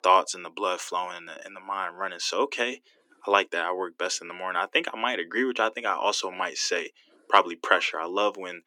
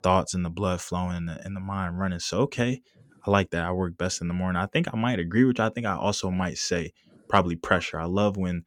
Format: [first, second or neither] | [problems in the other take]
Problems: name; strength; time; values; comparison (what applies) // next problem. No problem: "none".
second | thin; very; fading below 300 Hz